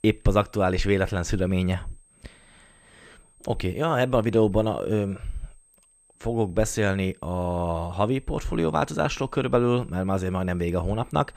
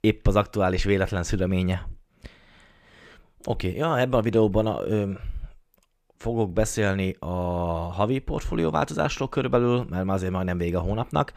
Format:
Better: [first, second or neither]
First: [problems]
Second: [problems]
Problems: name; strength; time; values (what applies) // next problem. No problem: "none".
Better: second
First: high-pitched whine; faint; throughout; 8.5 kHz, 30 dB below the speech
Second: none